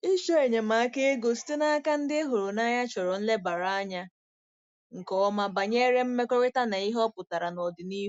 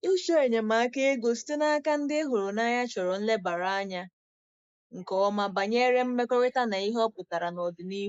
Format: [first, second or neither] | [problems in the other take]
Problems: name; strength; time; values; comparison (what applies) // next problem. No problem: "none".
first | noise reduction (neural mask model Resemble Enhance denoiser)